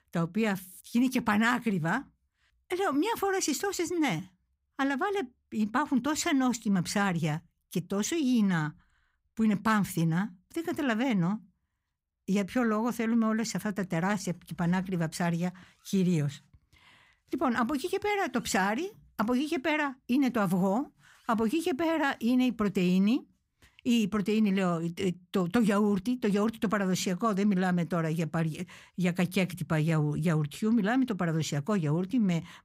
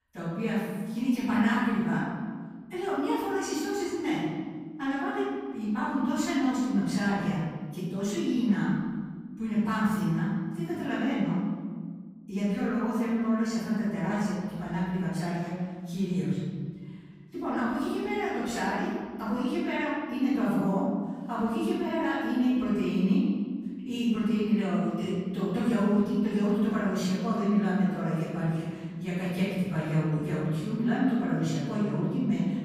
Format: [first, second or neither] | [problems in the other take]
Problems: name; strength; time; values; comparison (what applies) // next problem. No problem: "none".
first | off-mic speech; far // room echo; strong; dies away in 1.7 s